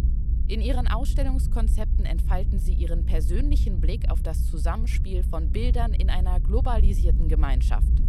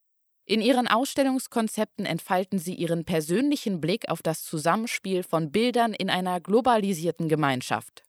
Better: second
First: low rumble; loud; throughout; 9 dB below the speech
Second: none

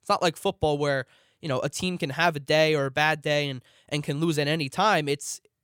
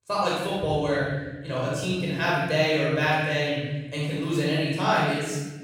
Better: first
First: none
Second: off-mic speech; far // room echo; strong; dies away in 1.5 s

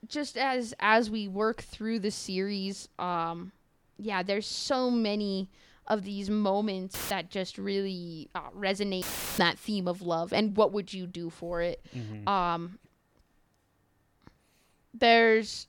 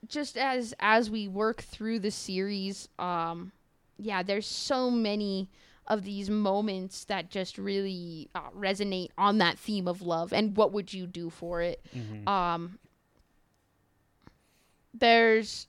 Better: second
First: audio cutting out; filled with static; at 7 s and at 9 s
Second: none

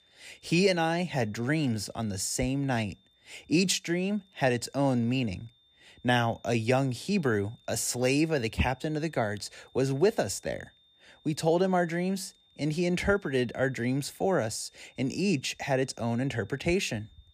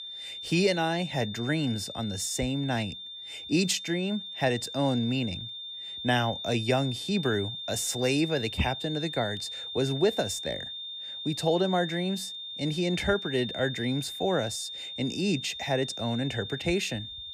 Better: first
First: high-pitched whine; faint; throughout; 3.5 kHz, 35 dB below the speech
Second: high-pitched whine; loud; throughout; 3.5 kHz, 7 dB below the speech

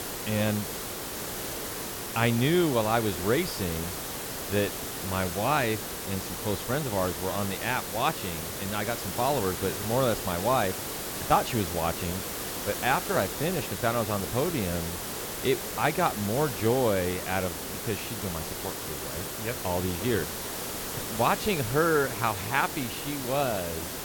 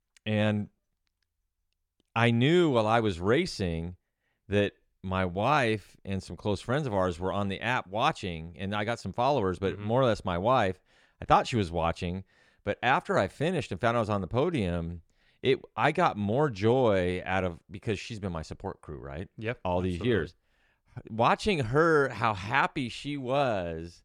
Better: second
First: hiss; loud; throughout; 4 dB below the speech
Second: none

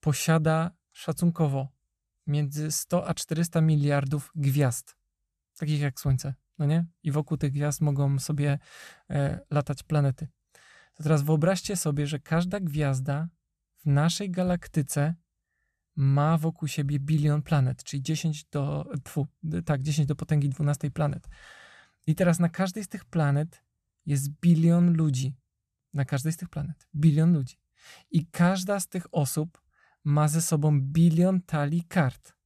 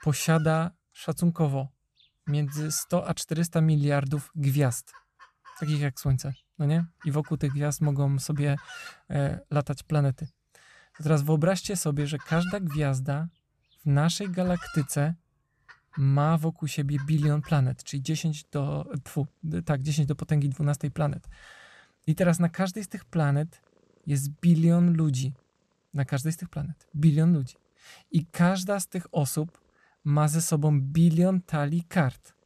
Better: first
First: none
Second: animal sounds; faint; throughout; 20 dB below the speech

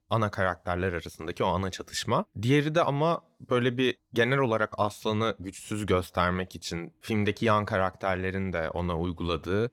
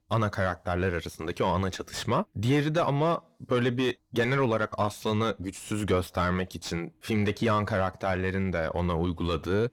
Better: first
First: none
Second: distortion; slight; 10 dB below the speech

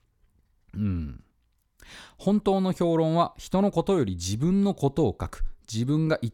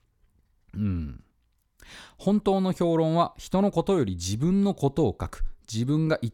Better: neither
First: none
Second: none

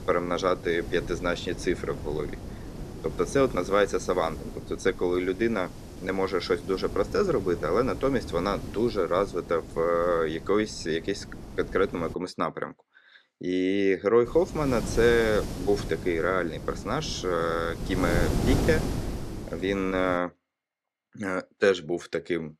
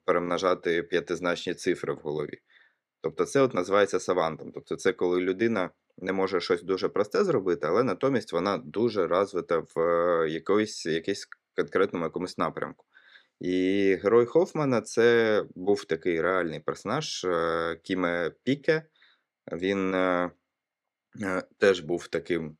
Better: second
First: wind noise on the microphone; occasional gusts; until 12 s and from 14 to 20 s; 15 dB below the speech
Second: none

